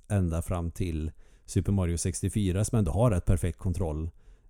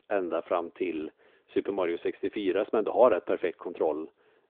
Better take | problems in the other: first | phone-call audio; nothing above 3.5 kHz

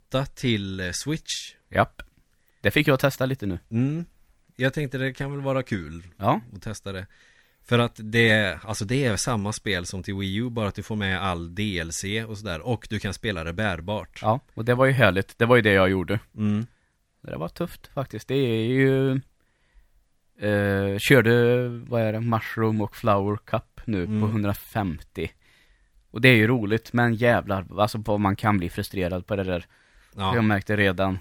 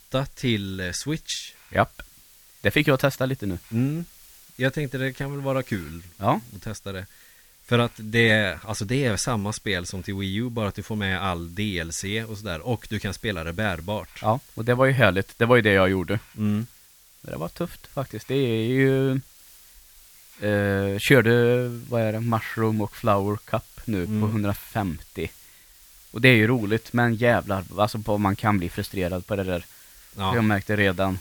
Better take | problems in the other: first | hiss; faint; throughout; 25 dB below the speech

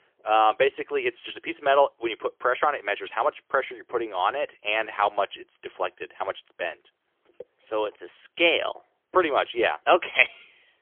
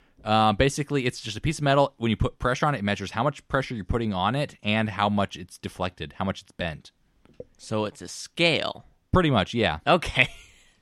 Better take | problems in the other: second | phone-call audio; poor line; nothing above 3.5 kHz

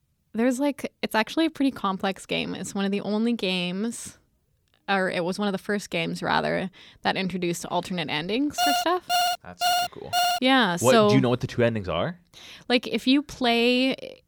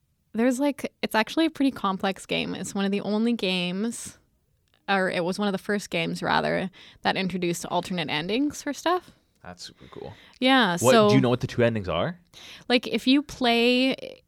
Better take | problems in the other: second | alarm; loud; from 8.5 to 10 s; peak 1 dB above the speech

